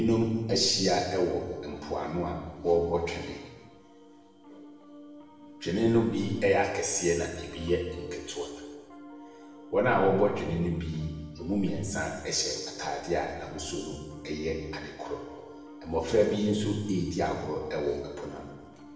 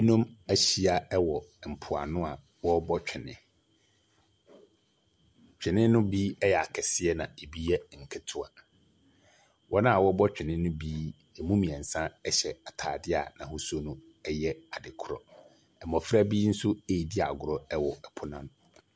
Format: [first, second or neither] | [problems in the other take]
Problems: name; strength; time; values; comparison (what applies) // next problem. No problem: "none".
second | background sound (Piano); 19 dB below the speech // room echo; dies away in 1.2 s